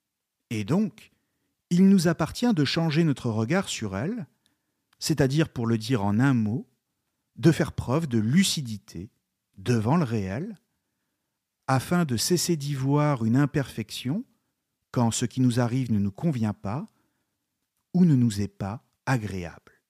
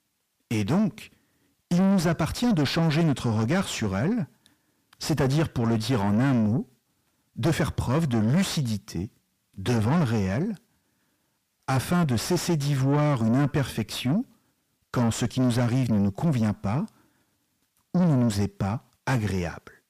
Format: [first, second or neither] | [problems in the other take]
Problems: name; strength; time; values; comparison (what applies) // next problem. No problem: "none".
first | distortion; heavy; 7 dB below the speech